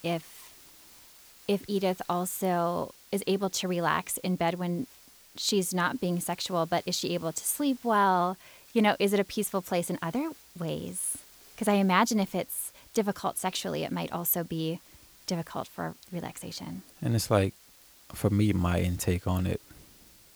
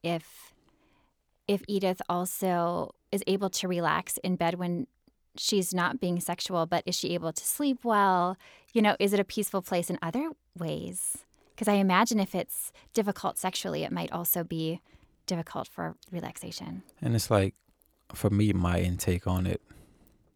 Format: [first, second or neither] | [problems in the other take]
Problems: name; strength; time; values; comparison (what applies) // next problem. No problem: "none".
second | hiss; faint; throughout; 25 dB below the speech